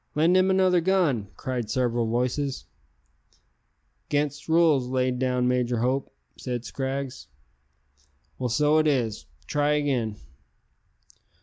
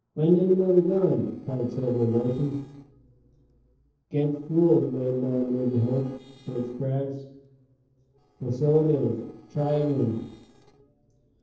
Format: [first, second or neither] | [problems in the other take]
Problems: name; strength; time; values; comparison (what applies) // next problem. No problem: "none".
first | noise reduction (neural separator model SepFormer DNS4)